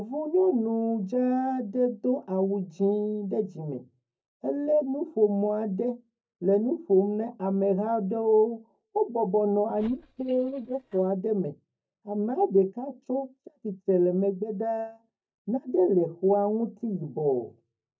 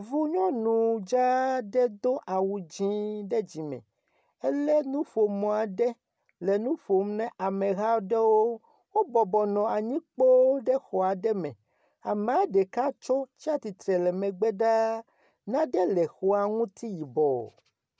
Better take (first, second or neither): second